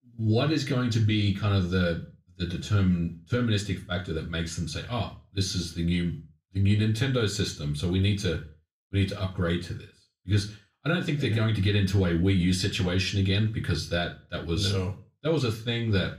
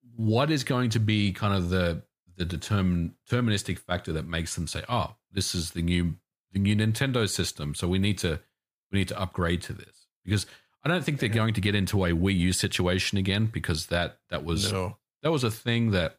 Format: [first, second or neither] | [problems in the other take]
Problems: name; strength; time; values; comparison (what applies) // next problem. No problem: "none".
second | room echo; slight; dies away in 0.3 s // off-mic speech; far